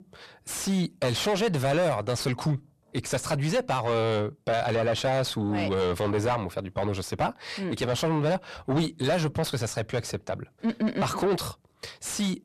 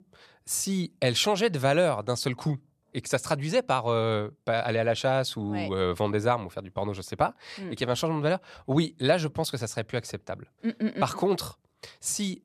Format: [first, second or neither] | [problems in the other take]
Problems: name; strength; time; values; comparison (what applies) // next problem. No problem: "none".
second | distortion; heavy; 7 dB below the speech